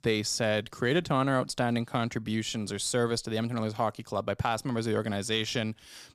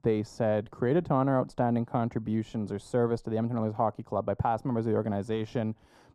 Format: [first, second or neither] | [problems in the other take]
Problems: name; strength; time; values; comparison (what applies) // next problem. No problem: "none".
first | muffled; very; fading above 1.5 kHz